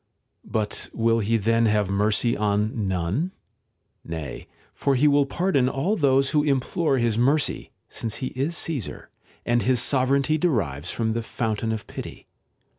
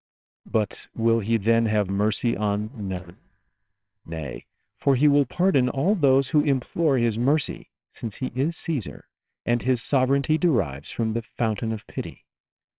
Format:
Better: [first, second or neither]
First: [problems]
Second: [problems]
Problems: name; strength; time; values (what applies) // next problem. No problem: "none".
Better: first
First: none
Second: noise reduction (neural separator model SepFormer WHAMR!)